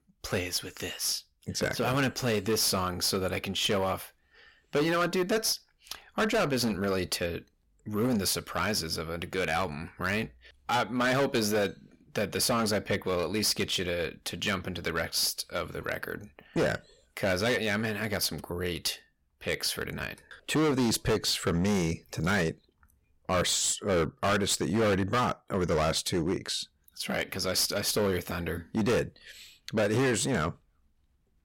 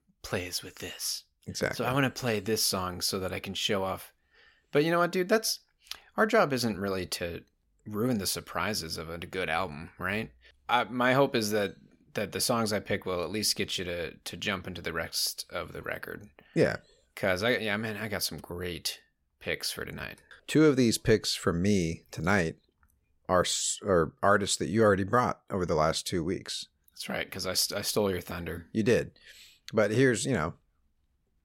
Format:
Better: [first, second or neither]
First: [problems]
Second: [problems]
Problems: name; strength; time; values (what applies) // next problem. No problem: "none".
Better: second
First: distortion; heavy; 10% of the sound clipped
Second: none